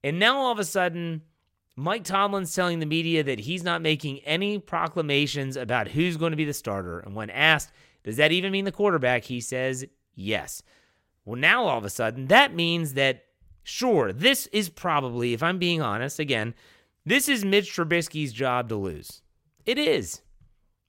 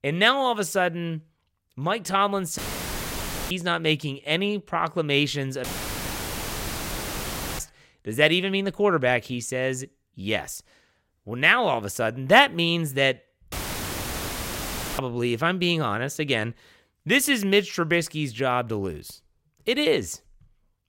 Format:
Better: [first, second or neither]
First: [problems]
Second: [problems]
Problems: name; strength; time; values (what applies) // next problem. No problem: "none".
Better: first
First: none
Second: audio cutting out; filled with static; at 2.5 s for 1 s, at 5.5 s for 2 s and at 14 s for 1.5 s